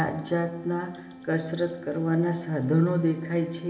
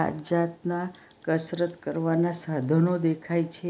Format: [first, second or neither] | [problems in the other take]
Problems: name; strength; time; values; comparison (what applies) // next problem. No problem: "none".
second | background sound (Wind instrument, woodwind instrument); 20 dB below the speech // room echo; dies away in 1.6 s